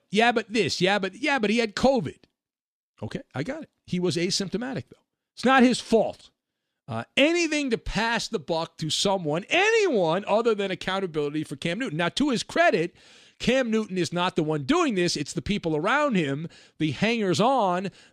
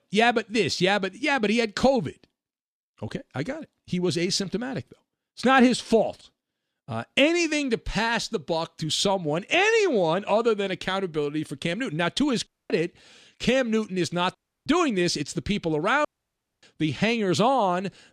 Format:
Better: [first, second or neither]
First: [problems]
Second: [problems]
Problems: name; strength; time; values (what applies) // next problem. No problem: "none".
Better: first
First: none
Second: audio cutting out; at 12 s, at 14 s and at 16 s for 0.5 s